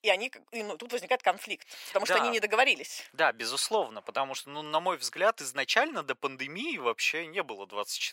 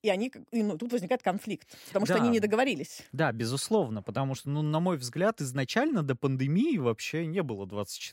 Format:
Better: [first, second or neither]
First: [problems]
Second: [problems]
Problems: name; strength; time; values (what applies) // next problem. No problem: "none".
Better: second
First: thin; very; fading below 700 Hz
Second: none